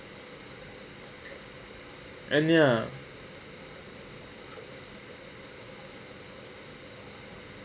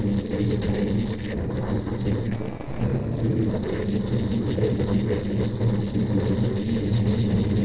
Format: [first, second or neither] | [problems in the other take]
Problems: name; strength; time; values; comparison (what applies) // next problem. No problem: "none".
first | noise reduction (neural separator model SepFormer DNS4)